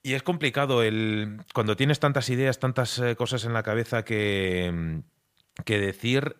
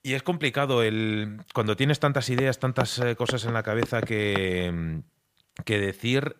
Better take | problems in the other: first | footsteps; noticeable; from 2.5 to 4.5 s; peak 6 dB below the speech

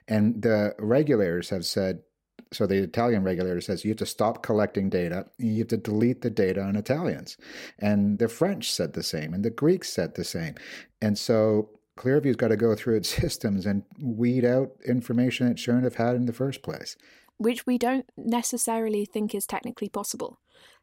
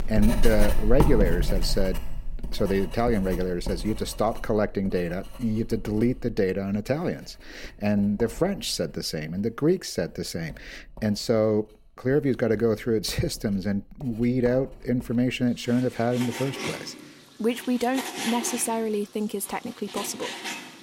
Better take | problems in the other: first | household noises; loud; throughout; 7 dB below the speech

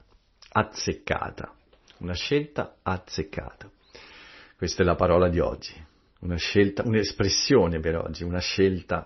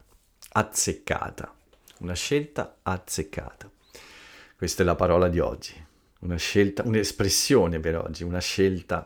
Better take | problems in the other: second | garbled, watery; slightly; nothing above 6 kHz

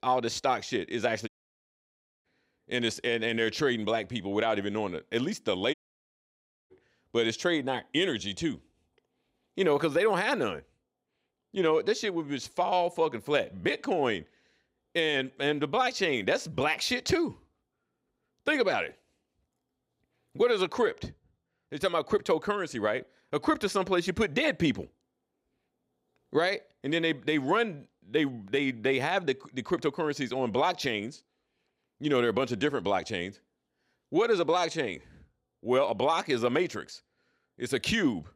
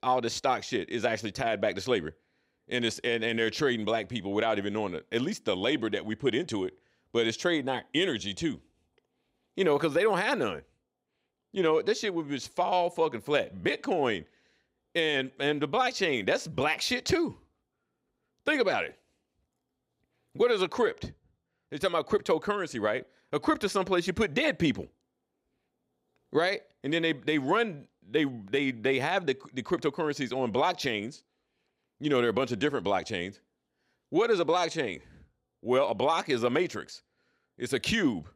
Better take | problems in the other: second | audio cutting out; at 1.5 s for 1 s and at 5.5 s for 1 s

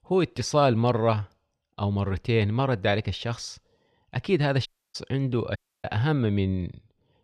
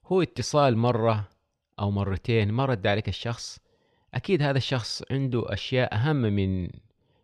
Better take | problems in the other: second | audio cutting out; at 4.5 s and at 5.5 s

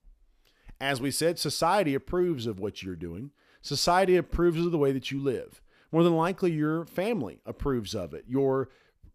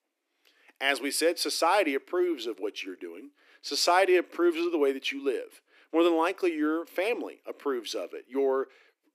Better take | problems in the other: first | thin; somewhat; fading below 300 Hz

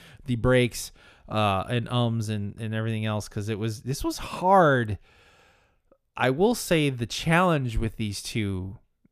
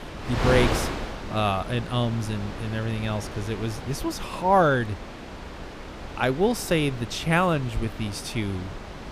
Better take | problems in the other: first | wind noise on the microphone; heavy; 9 dB below the speech

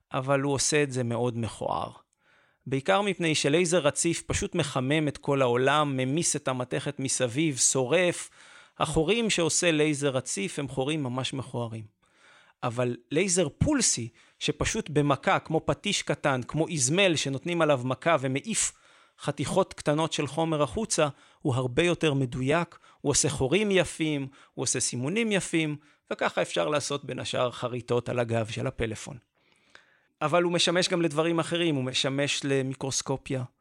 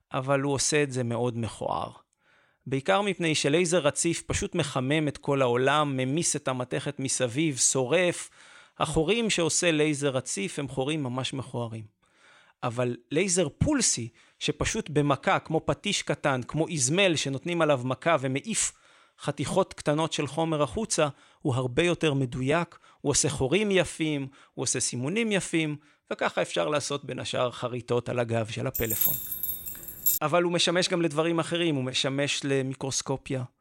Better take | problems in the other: first | jangling keys; loud; from 29 to 30 s; peak 3 dB above the speech

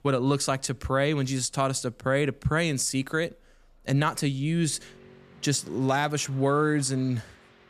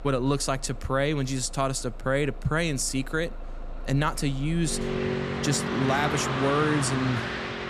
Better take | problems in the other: first | traffic noise; loud; throughout; 3 dB below the speech; faint in the first

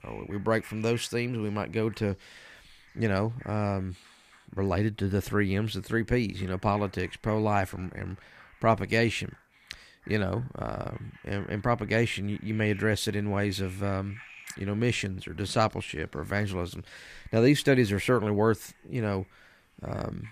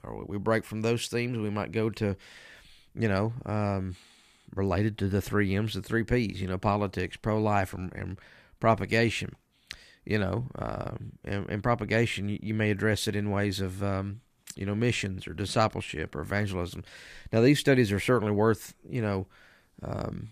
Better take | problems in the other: second | animal sounds; faint; throughout; 25 dB below the speech

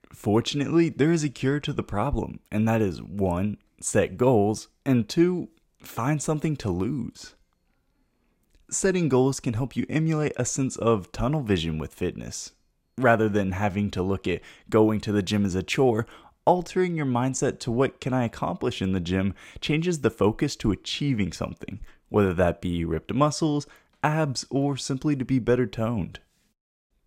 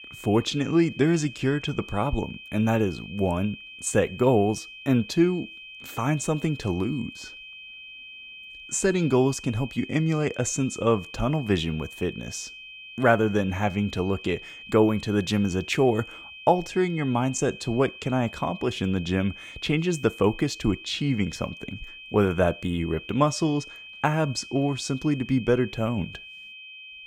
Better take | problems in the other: first | high-pitched whine; noticeable; throughout; 2.5 kHz, 15 dB below the speech

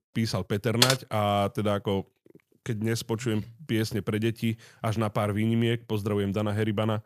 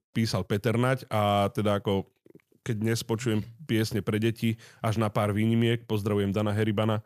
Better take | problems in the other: second | keyboard typing; loud; at 1 s; peak 4 dB above the speech

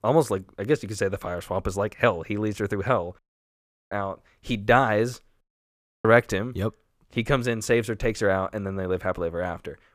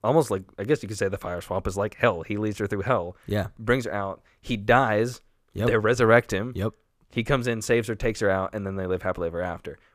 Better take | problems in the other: second | audio cutting out; at 3 s for 0.5 s and at 5.5 s for 0.5 s

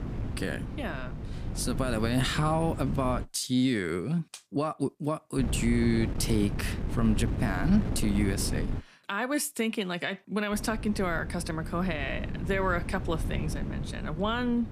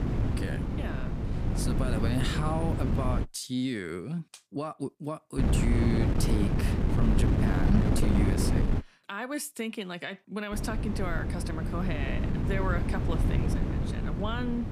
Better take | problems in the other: first | wind noise on the microphone; heavy; until 3 s, from 5.5 to 9 s and from 11 s on; 1 dB below the speech; occasional gusts in the first

